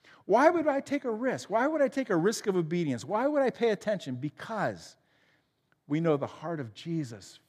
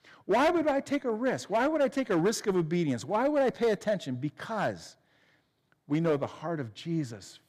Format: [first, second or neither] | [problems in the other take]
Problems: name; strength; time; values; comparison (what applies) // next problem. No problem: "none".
first | distortion; slight; 4% of the sound clipped